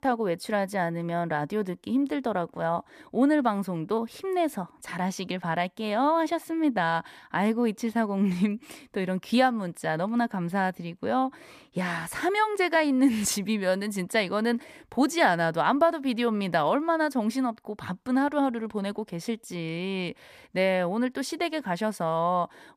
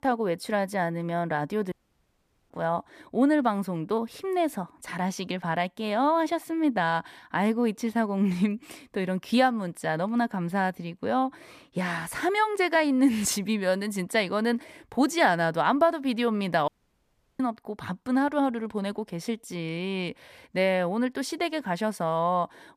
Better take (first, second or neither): first